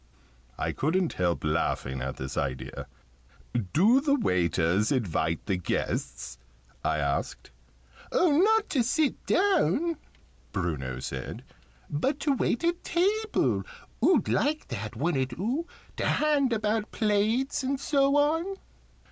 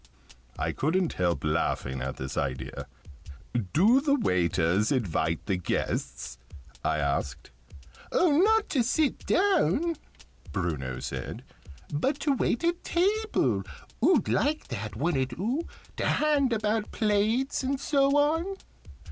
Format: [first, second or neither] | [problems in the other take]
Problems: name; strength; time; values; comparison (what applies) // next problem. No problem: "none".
first | background sound (Drum kit); 18 dB below the speech